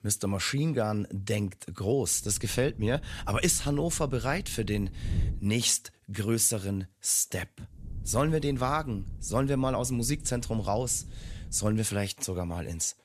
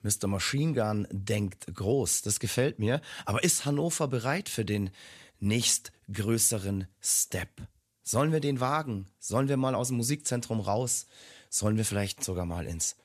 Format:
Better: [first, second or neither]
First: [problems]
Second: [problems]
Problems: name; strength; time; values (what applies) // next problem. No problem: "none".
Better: second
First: wind noise on the microphone; occasional gusts; from 2 to 5.5 s and from 8 to 12 s; 25 dB below the speech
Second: none